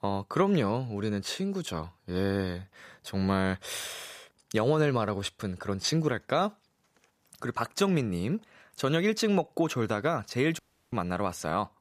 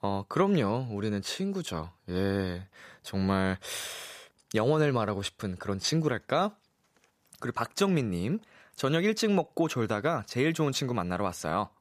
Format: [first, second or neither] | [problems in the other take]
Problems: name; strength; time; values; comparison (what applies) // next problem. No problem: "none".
second | audio cutting out; at 11 s